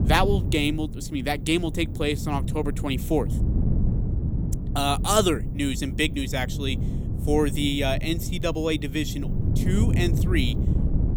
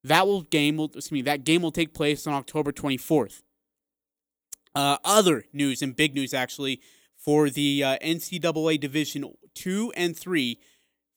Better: second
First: wind noise on the microphone; occasional gusts; 10 dB below the speech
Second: none

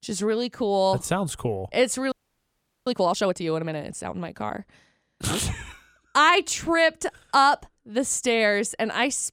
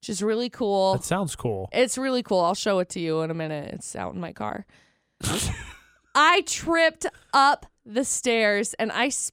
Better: second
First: audio freezing; at 2 s for 0.5 s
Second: none

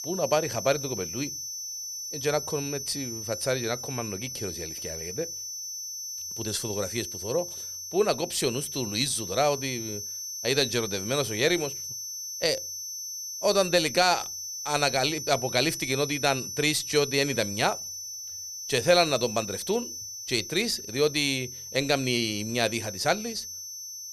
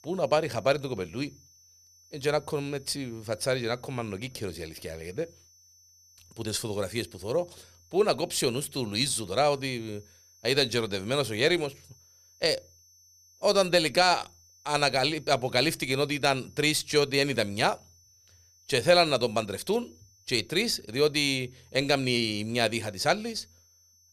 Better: second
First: high-pitched whine; loud; throughout; 6 kHz, 7 dB below the speech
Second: high-pitched whine; faint; throughout; 6 kHz, 30 dB below the speech

